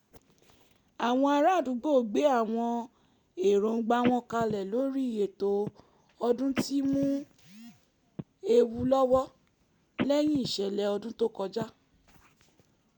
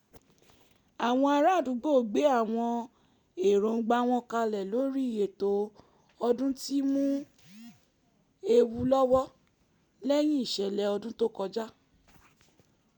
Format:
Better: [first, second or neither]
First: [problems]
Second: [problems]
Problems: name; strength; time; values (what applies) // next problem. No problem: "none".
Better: second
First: background sound (Telephone); 11 dB below the speech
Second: none